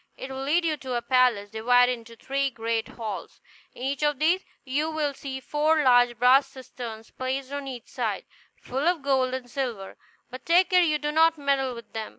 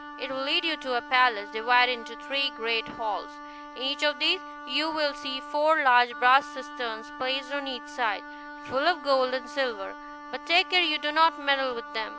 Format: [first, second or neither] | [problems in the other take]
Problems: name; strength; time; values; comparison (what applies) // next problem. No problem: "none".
first | background sound (Wind instrument, woodwind instrument); 14 dB below the speech